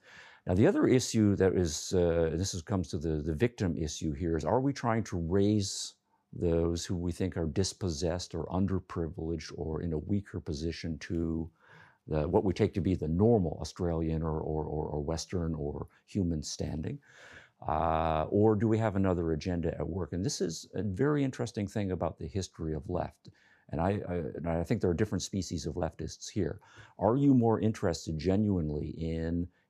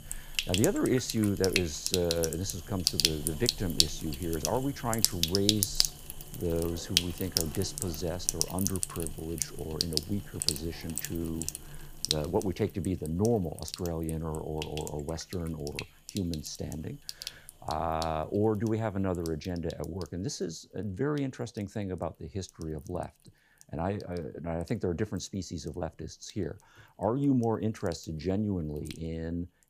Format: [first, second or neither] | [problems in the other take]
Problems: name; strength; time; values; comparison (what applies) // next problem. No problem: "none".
first | household noises; very loud; throughout; 1 dB above the speech